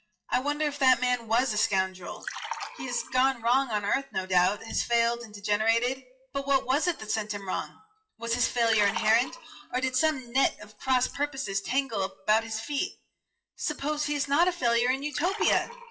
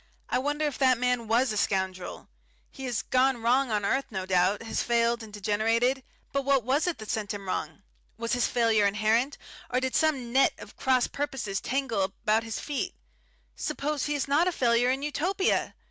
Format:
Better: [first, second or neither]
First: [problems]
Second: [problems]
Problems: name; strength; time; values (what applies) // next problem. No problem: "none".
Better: second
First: noise reduction (classical method WPE with log-MMSE)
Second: none